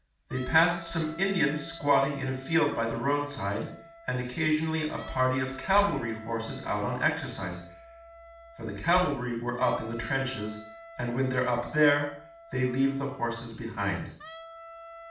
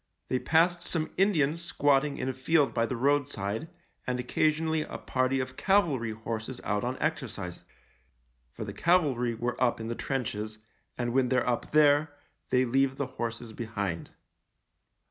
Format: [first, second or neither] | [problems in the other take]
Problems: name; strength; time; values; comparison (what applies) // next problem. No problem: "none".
second | background sound (Wind instrument, woodwind instrument); 18 dB below the speech // room echo; dies away in 0.5 s